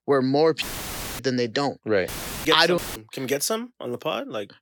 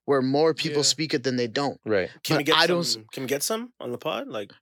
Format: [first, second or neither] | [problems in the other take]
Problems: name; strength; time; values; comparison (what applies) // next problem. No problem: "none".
second | audio cutting out; filled with static; at 0.5 s for 0.5 s, at 2 s and at 3 s